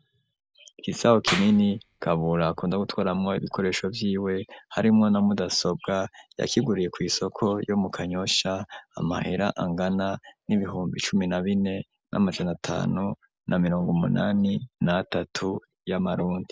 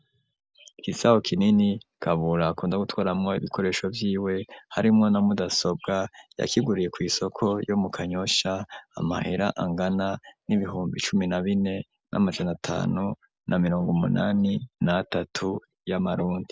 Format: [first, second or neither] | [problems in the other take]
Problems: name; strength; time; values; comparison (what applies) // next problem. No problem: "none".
second | background sound (Clapping); 12 dB below the speech